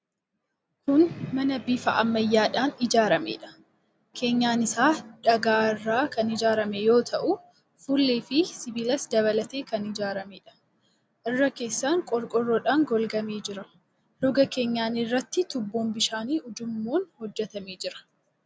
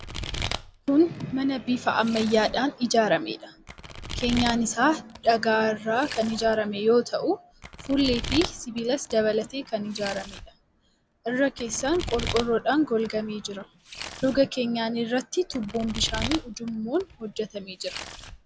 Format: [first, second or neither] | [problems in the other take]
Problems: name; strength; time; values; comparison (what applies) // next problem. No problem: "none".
first | background sound (Domestic sounds, home sounds); 12 dB below the speech